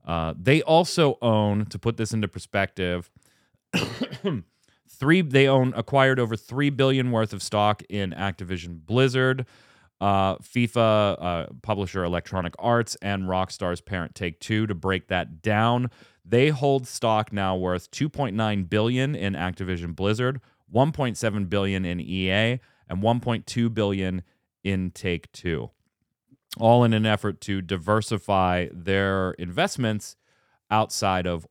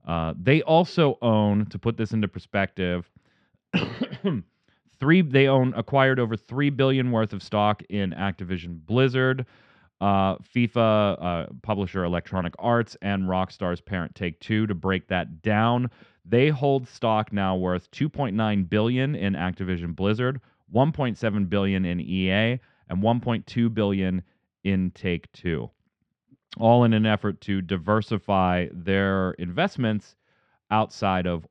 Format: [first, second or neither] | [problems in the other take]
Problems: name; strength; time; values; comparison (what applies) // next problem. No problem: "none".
first | muffled; slightly; fading above 3.5 kHz